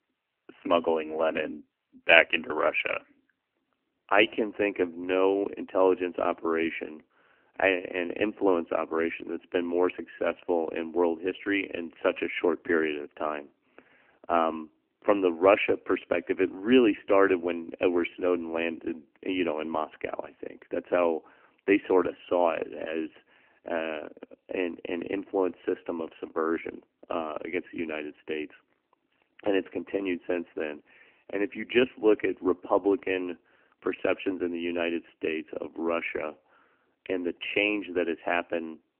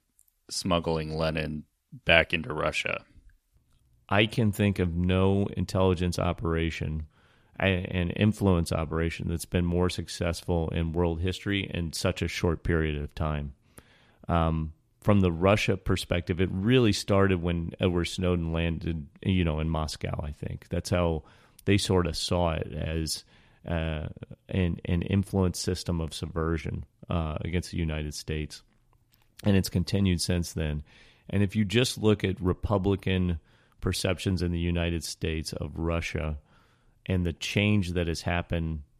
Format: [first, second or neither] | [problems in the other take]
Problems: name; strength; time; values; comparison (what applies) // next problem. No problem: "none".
second | phone-call audio; nothing above 3 kHz